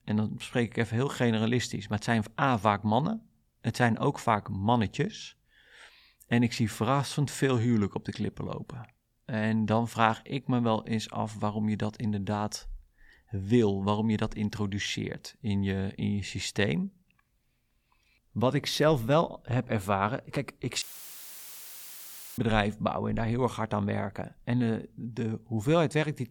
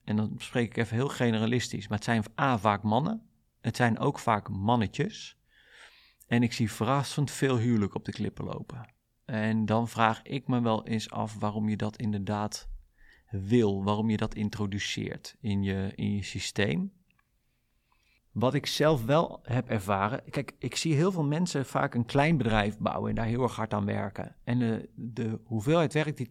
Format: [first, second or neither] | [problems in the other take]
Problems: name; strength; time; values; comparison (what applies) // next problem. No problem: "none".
second | audio cutting out; filled with static; at 21 s for 1.5 s